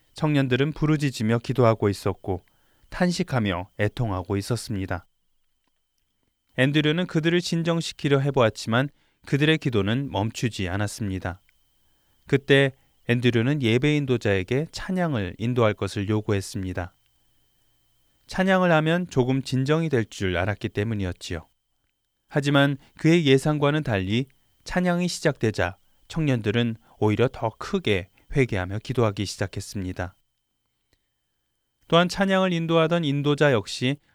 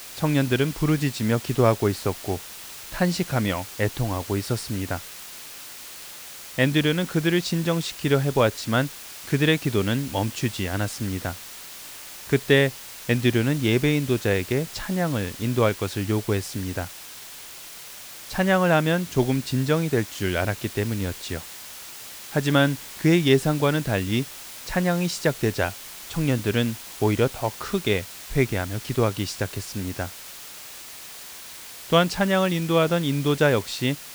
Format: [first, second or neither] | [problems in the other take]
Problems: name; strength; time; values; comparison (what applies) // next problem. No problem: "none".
first | hiss; noticeable; throughout; 15 dB below the speech